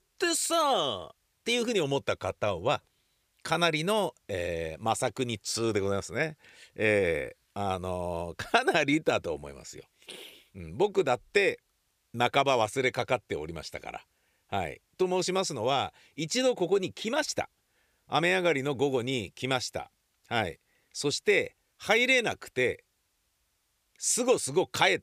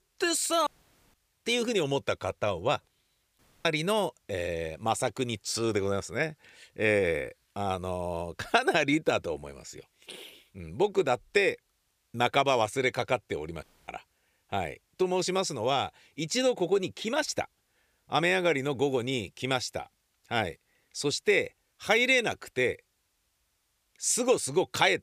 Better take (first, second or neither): first